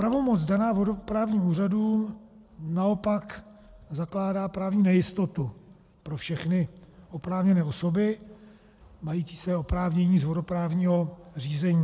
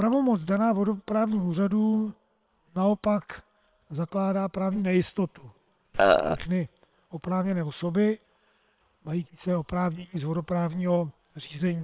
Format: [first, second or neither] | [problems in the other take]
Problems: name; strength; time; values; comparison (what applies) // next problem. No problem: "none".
first | noise reduction (neural separator model SepFormer WHAM!)